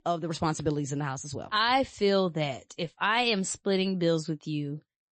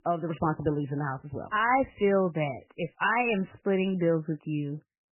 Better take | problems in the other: first | garbled, watery; badly; nothing above 3 kHz; slightly in the first

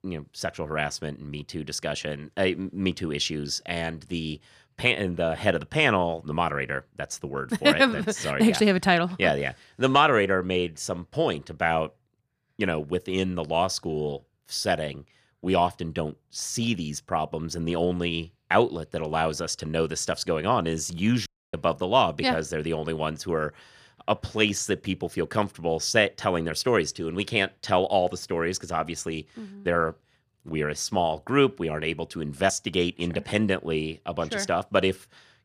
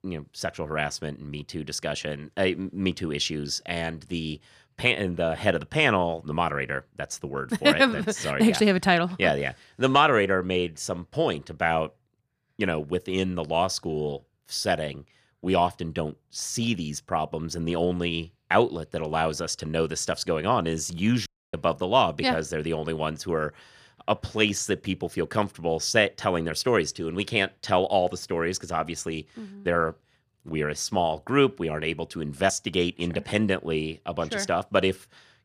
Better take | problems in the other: neither | audio cutting out; at 21 s; the same in both

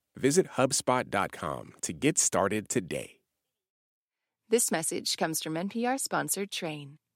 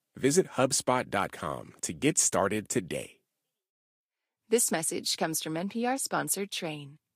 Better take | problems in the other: first | garbled, watery; slightly; nothing above 13.5 kHz

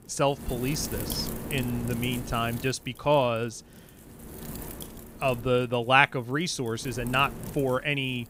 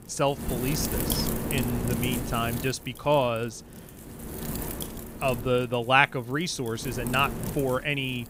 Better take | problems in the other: first | wind noise on the microphone; heavy; 10 dB below the speech; occasional gusts in the first

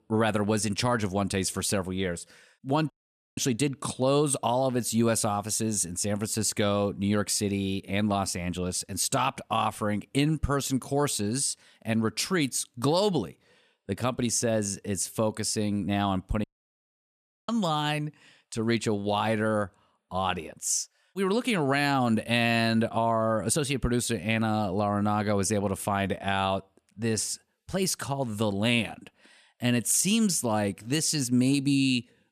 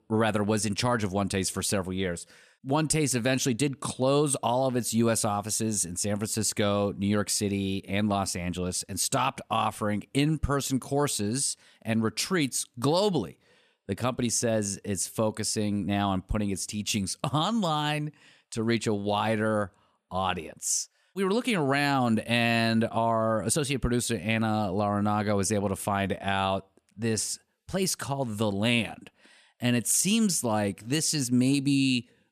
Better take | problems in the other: second | audio cutting out; at 3 s and at 16 s for 1 s

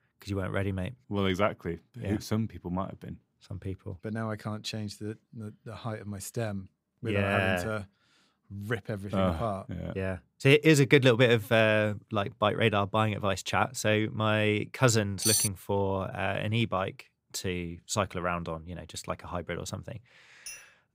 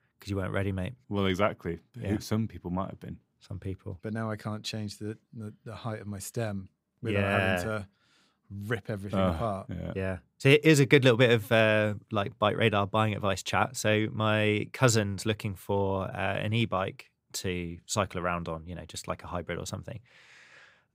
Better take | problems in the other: second | clattering dishes; loud; at 15 s; peak 4 dB above the speech // clattering dishes; faint; at 20 s; peak 15 dB below the speech

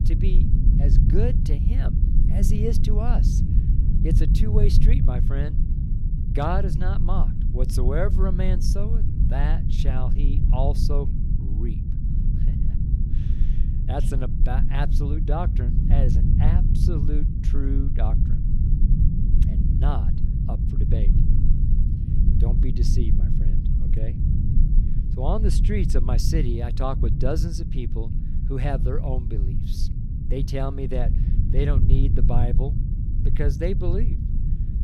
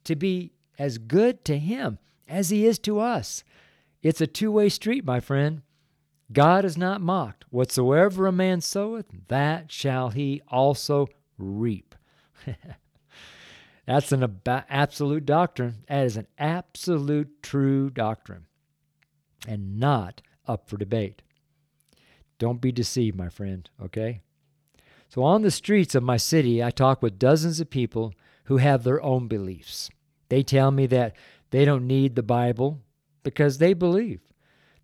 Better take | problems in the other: second | low rumble; loud; throughout; 5 dB below the speech

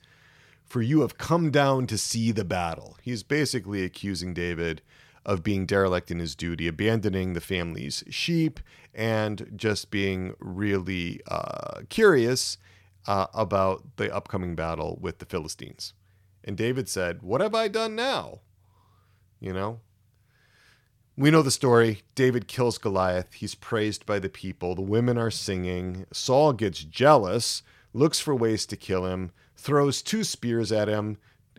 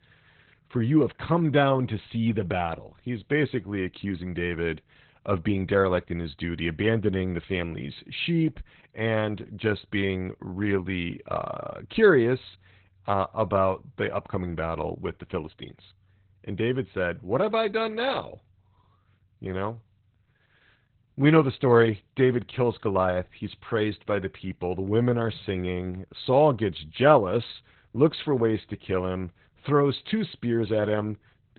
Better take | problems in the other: first | garbled, watery; badly; nothing above 4 kHz

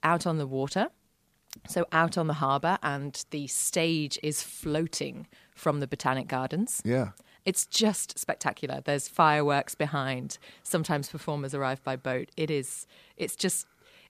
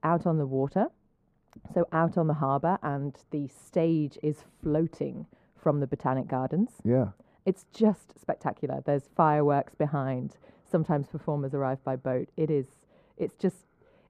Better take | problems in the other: first | muffled; very; fading above 2 kHz

